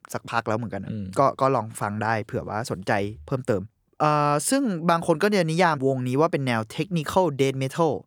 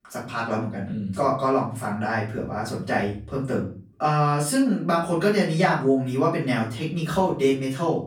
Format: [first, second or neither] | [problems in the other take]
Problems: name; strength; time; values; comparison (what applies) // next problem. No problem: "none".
first | off-mic speech; far // room echo; slight; dies away in 0.4 s